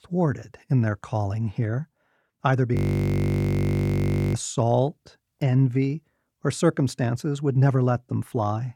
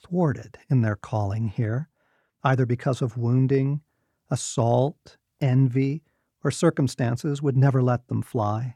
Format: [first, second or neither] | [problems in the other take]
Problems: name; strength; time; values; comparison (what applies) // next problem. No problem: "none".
second | audio freezing; at 3 s for 1.5 s